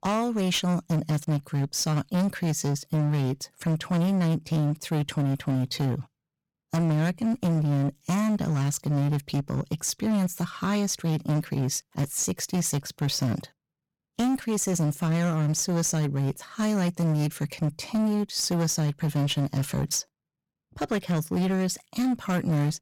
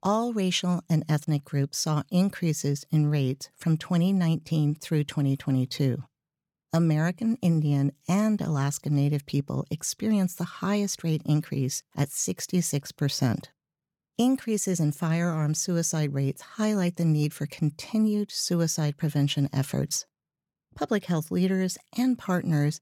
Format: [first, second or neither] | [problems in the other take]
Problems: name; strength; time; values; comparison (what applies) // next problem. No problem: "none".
second | distortion; slight; 22% of the sound clipped